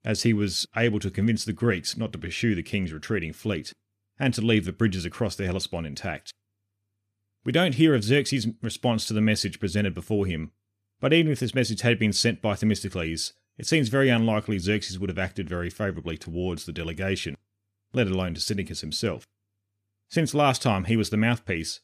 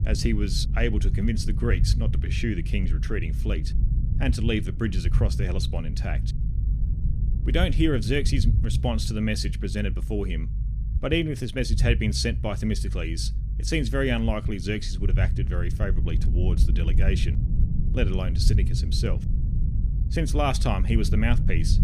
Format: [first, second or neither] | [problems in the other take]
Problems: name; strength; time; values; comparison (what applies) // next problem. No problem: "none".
first | low rumble; noticeable; throughout; 10 dB below the speech